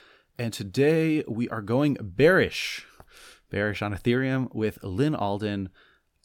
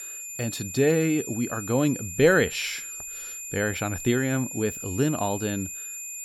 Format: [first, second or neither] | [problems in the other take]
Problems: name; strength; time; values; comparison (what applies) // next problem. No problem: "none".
first | high-pitched whine; loud; throughout; 7 kHz, 8 dB below the speech